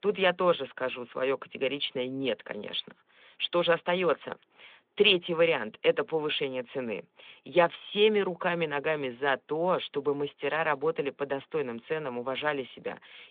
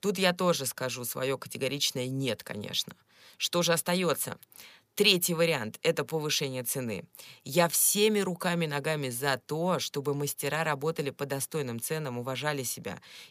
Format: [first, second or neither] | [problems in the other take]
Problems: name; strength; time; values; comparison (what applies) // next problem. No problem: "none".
second | phone-call audio; nothing above 3.5 kHz